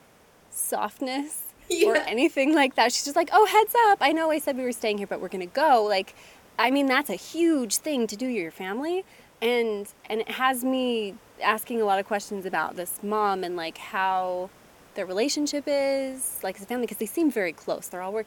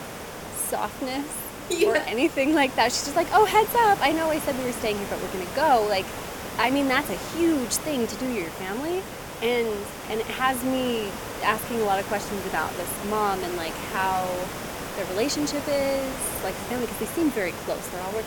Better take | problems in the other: first | hiss; loud; throughout; 9 dB below the speech; faint in the first

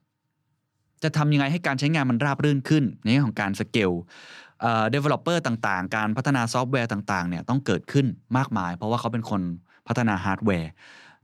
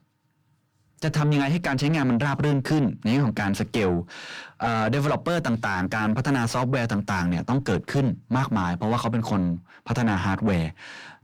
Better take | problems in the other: first | distortion; heavy; 6 dB below the speech

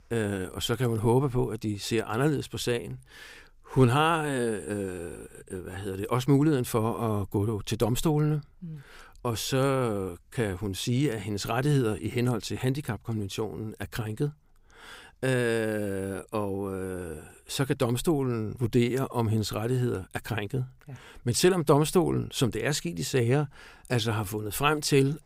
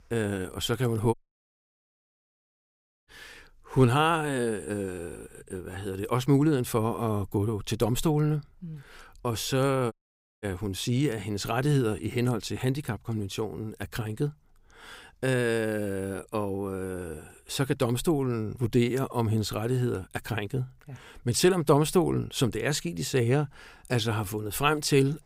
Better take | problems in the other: first | audio cutting out; at 1 s for 2 s and at 10 s for 0.5 s

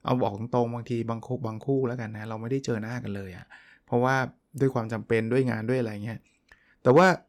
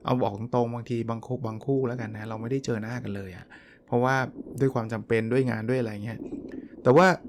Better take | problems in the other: first | low rumble; faint; throughout; 20 dB below the speech

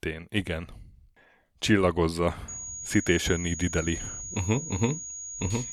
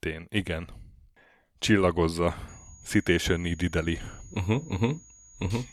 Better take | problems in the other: second | high-pitched whine; loud; from 2.5 s on; 6.5 kHz, 7 dB below the speech; faint in the second

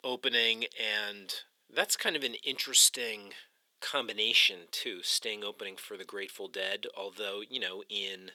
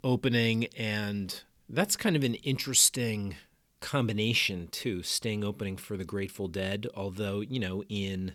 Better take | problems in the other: second | thin; very; fading below 450 Hz

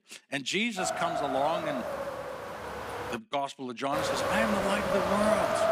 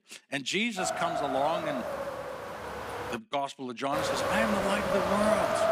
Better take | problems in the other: neither | wind noise on the microphone; heavy; from 1 to 3 s and from 4 s on; 1 dB above the speech; the same in both

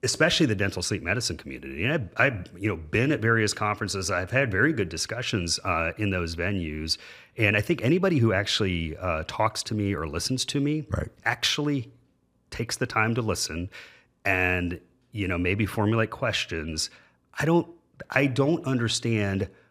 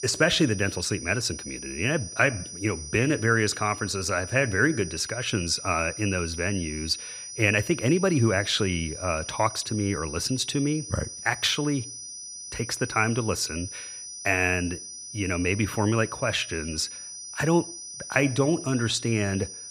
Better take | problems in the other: first | high-pitched whine; noticeable; throughout; 6 kHz, 10 dB below the speech

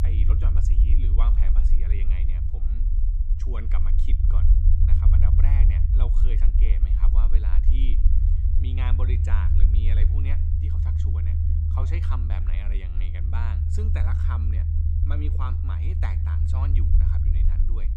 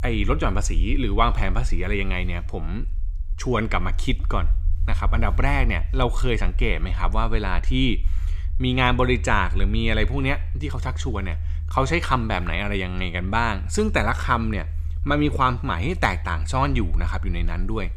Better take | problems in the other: second | low rumble; loud; throughout; as loud as the speech; faint in the second

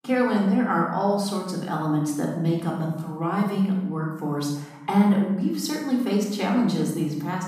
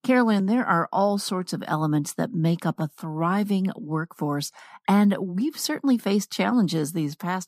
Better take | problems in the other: second | off-mic speech; somewhat distant // room echo; noticeable; dies away in 0.9 s

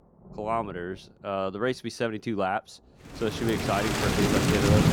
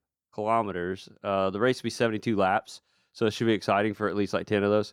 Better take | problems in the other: second | rain or running water; very loud; throughout; 4 dB above the speech

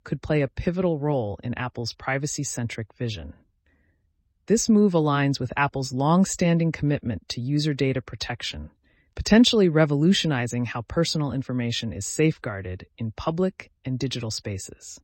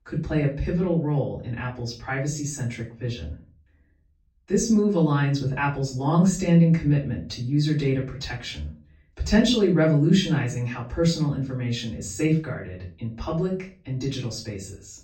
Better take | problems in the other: first | off-mic speech; far // room echo; slight; dies away in 0.3 s

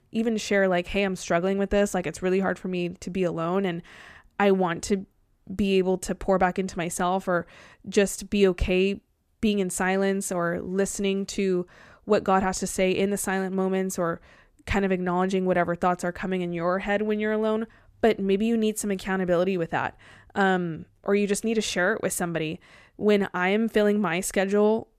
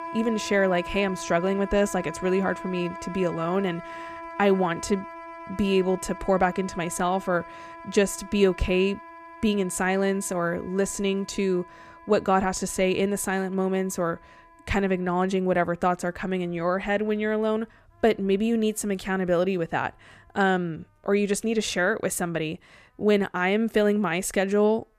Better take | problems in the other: first | background music; noticeable; throughout; 15 dB below the speech

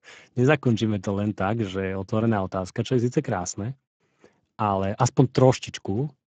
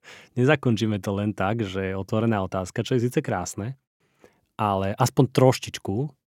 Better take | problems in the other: second | garbled, watery; badly; nothing above 7.5 kHz

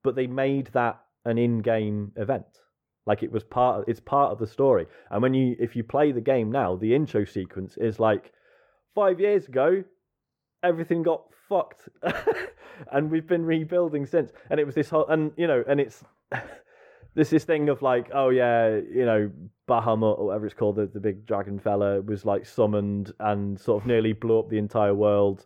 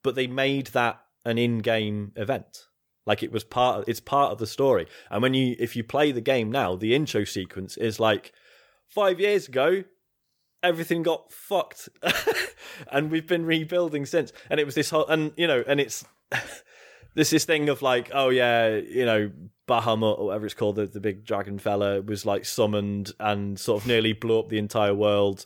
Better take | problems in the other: second | muffled; very; fading above 2.5 kHz

